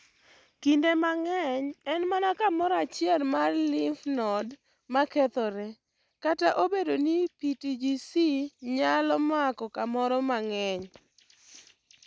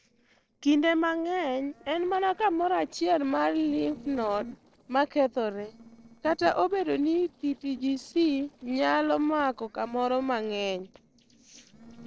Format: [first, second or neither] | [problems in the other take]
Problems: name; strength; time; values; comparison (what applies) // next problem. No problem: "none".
first | noise reduction (neural separator model SepFormer DNS4)